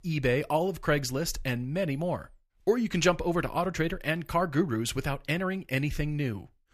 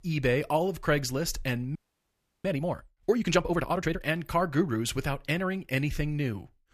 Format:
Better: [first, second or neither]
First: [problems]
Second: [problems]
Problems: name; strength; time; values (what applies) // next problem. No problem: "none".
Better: first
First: none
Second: audio freezing; at 2 s for 0.5 s